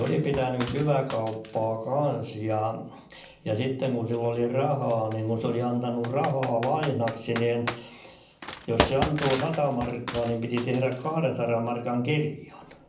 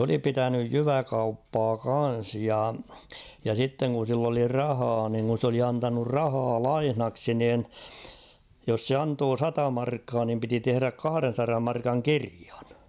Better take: second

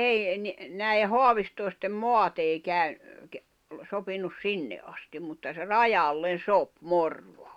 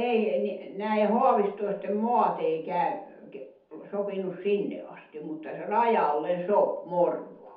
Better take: first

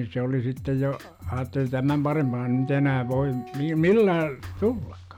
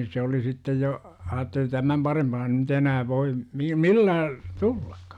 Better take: second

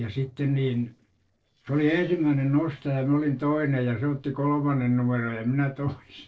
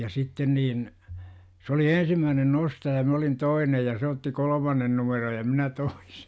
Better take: second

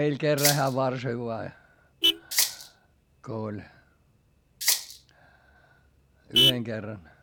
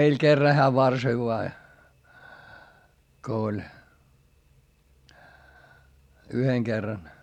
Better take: second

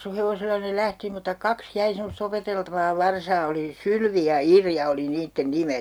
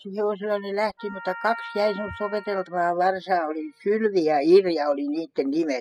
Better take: first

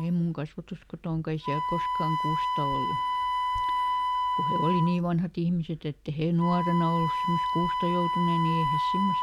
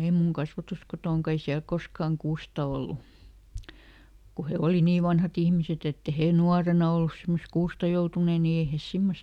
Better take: second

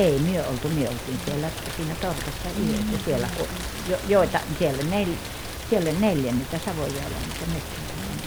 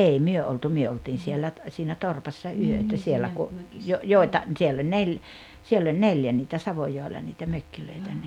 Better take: second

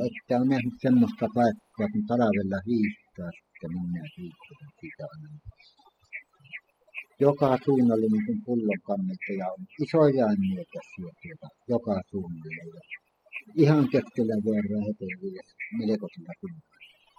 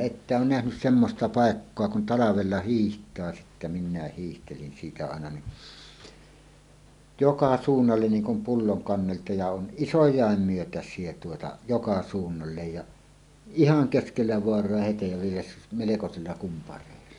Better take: second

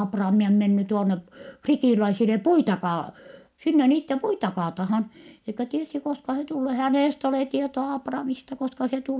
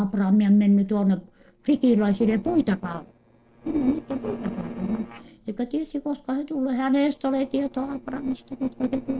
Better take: first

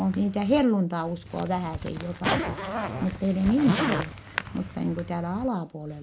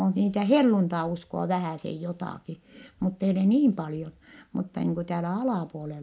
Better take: second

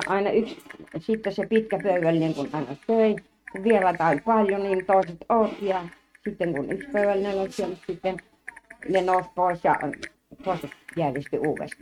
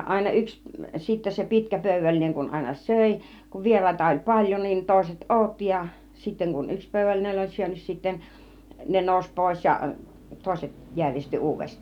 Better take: second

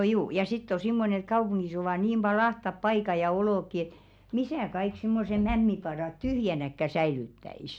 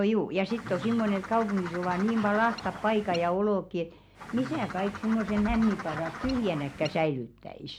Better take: first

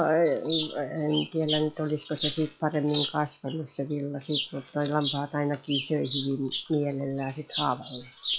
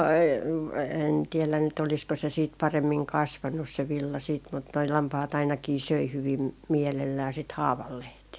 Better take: second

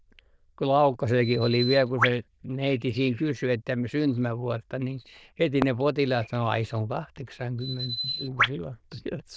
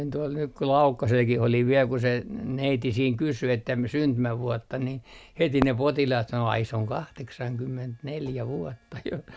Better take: second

